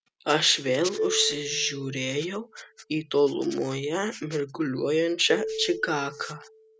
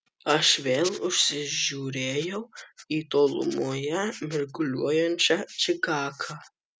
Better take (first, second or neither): second